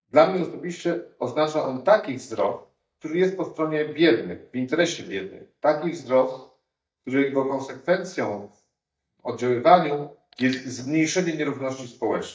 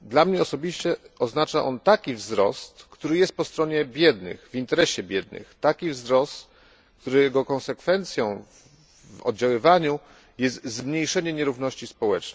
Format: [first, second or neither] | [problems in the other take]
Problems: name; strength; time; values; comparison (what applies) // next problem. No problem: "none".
second | noise reduction (neural mask model DeepFilterNet 3)